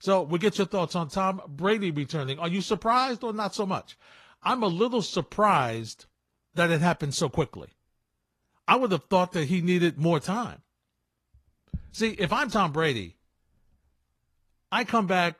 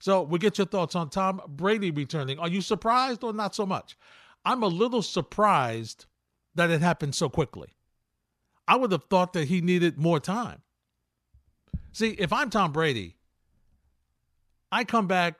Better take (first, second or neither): second